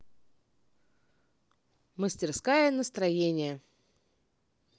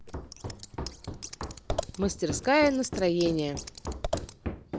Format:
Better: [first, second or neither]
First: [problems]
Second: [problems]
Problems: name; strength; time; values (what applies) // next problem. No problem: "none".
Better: first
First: none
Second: background sound (Run + Scissors); 6 dB below the speech